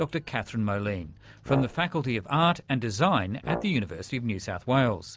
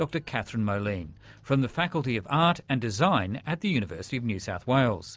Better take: second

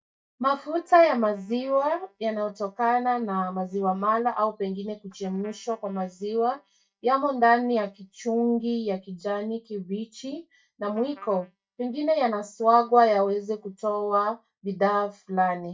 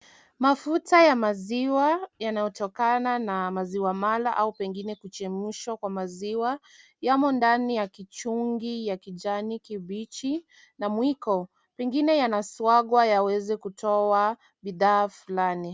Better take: second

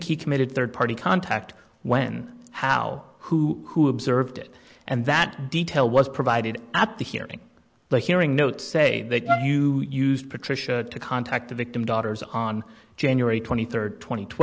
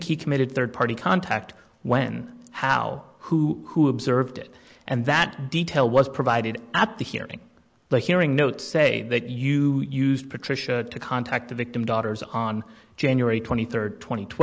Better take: second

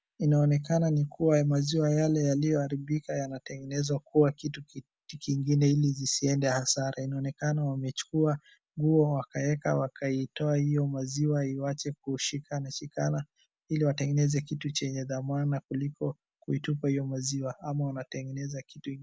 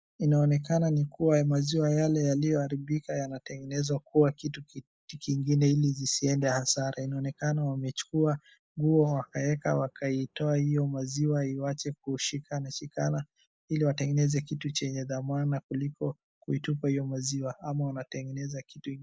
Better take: first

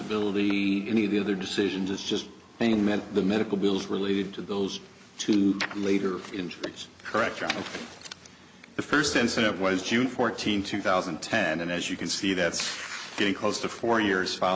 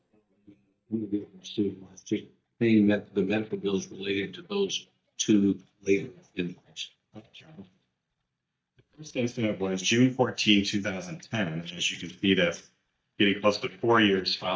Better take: first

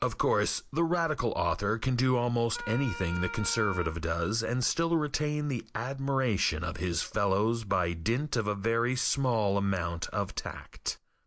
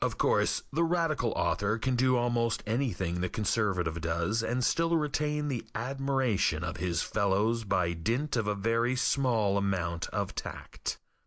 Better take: second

